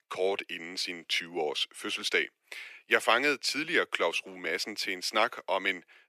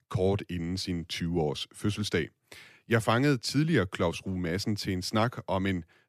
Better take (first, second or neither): second